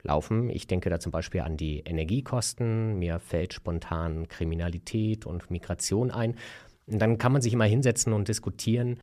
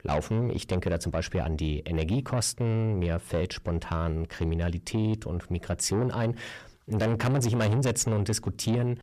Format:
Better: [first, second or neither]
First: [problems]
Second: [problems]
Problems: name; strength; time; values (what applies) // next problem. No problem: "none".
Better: first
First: none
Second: distortion; slight; 10 dB below the speech